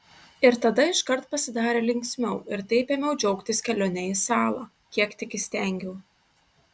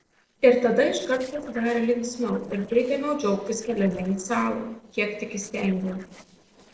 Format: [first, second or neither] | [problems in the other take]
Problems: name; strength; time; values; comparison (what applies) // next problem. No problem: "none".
first | noise reduction (neural separator model SepFormer DNS4)